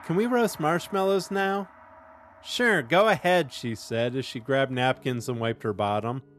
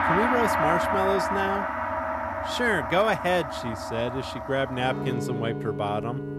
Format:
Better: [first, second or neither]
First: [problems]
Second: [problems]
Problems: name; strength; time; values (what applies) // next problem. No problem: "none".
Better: first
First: background music; faint; throughout; 25 dB below the speech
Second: background music; loud; throughout; 1 dB below the speech